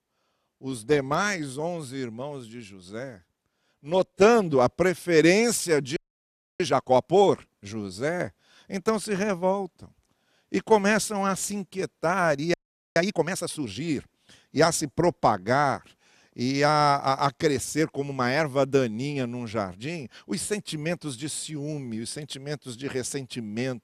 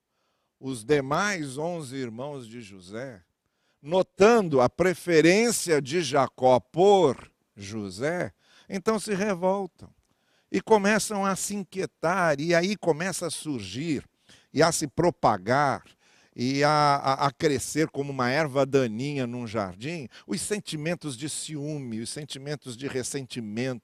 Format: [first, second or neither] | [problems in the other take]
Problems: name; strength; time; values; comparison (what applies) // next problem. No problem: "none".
second | audio freezing; at 6 s for 0.5 s and at 13 s